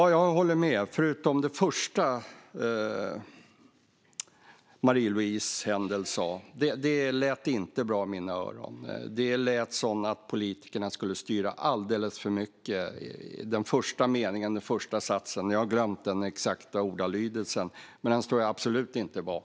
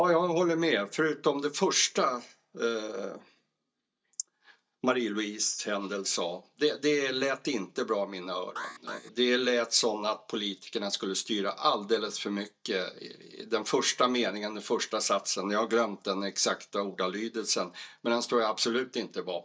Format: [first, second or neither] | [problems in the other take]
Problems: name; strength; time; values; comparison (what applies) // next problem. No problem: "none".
first | noise reduction (neural mask model DeepFilterNet 3)